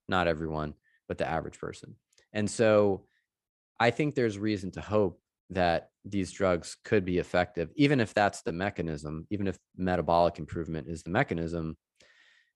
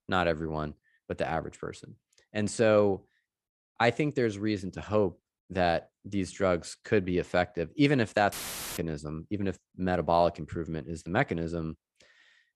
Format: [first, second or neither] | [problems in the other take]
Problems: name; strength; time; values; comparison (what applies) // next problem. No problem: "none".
first | audio cutting out; filled with static; at 8.5 s